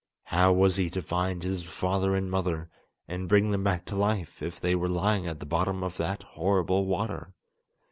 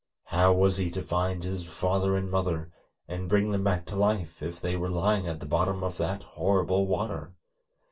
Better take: first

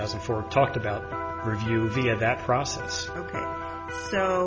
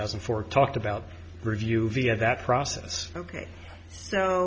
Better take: second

